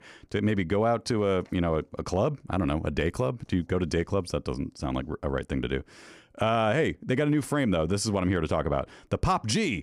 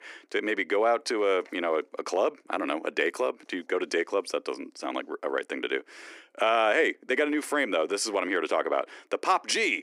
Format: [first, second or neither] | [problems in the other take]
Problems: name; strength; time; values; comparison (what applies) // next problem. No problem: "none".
first | thin; somewhat; fading below 300 Hz